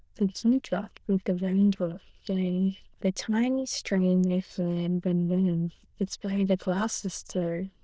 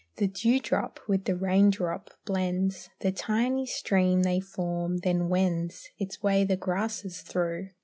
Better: second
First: noise reduction (neural diffusion model UNIVERSE++)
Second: none

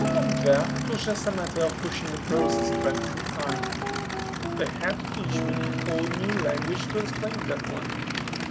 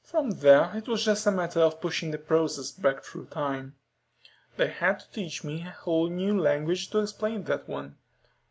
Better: second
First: background sound (Idling / Aircraft + Guitar); 2 dB above the speech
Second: none

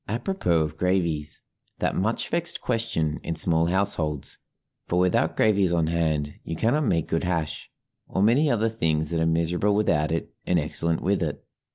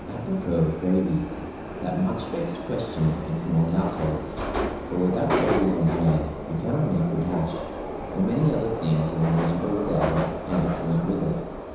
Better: first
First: none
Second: background sound (Subway, metro, underground); 5 dB below the speech // room echo; dies away in 1 s

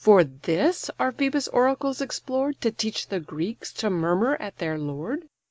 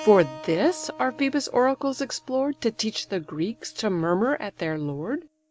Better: first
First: none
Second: background sound (Keyboard (musical)); 20 dB below the speech

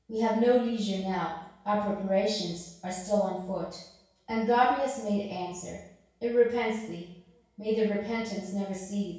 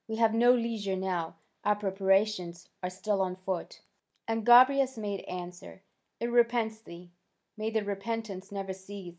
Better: second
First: room echo; dies away in 0.6 s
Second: none

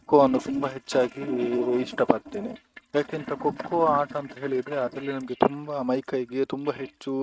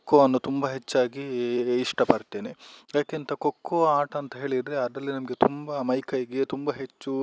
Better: second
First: noise reduction (neural mask model RNNoise)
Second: none

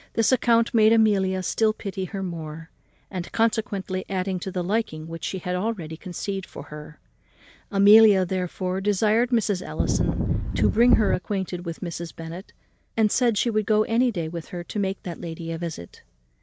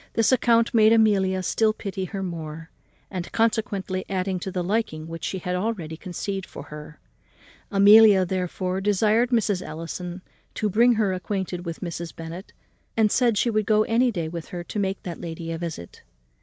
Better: second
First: background sound (Wind); 2 dB above the speech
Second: none

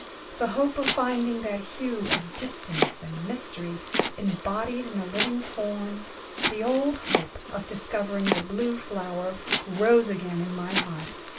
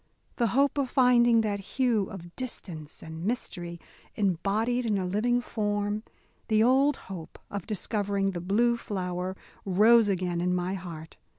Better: second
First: background sound (Domestic sounds, home sounds); 4 dB below the speech // room echo; dies away in 0.2 s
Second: none

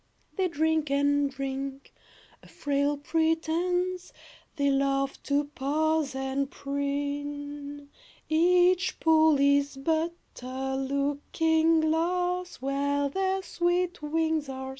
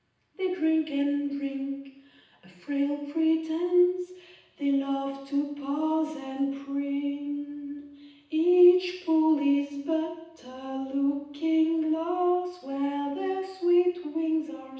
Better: first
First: none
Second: room echo; dies away in 0.9 s

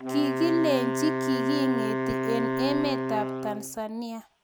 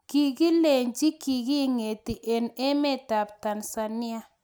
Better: second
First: background sound (Wind instrument, woodwind instrument); 1 dB below the speech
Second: none

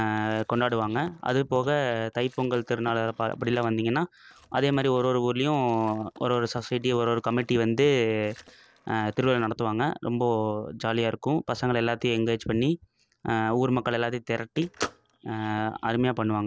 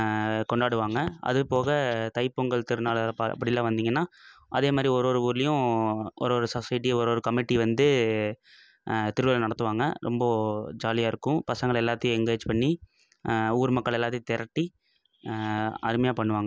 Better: second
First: noise reduction (neural separator model SepFormer DNS4)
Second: none

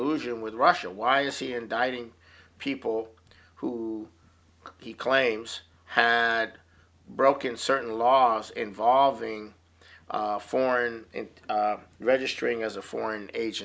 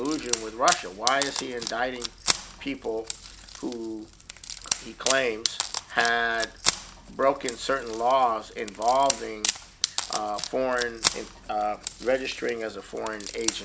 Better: first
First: none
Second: background sound (Wood); 5 dB below the speech

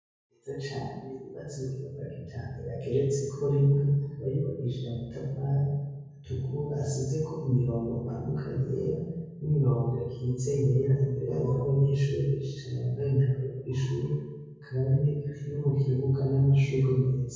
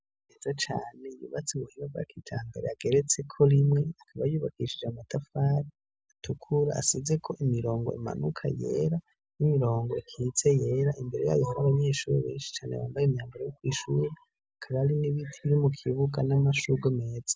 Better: second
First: room echo; dies away in 1.3 s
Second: none

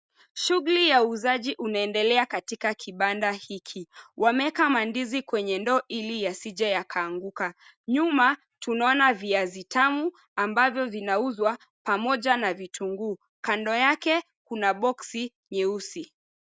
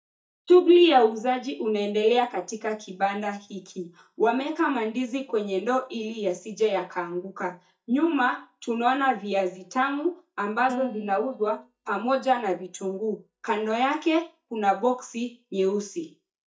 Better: first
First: none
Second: noise reduction (neural mask model DeepFilterNet 3)

